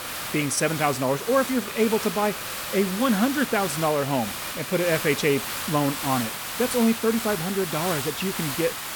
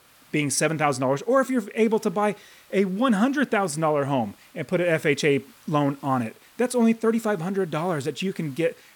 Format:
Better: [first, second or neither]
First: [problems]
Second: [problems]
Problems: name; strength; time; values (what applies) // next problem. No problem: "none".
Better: second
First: hiss; loud; throughout; 5 dB below the speech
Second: hiss; faint; throughout; 30 dB below the speech